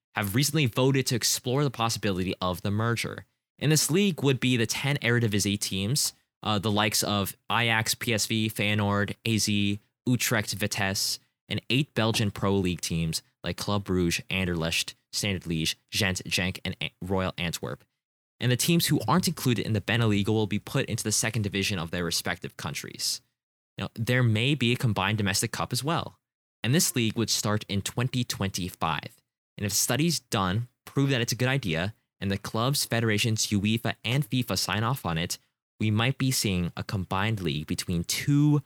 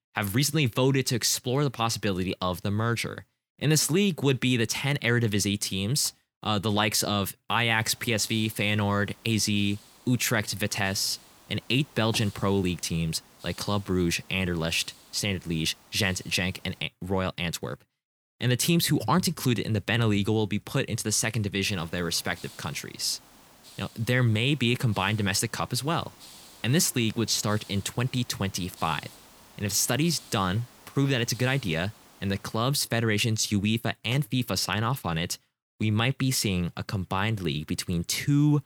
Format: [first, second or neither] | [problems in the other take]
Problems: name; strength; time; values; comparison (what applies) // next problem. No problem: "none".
first | hiss; faint; from 7.5 to 17 s and from 22 to 33 s; 25 dB below the speech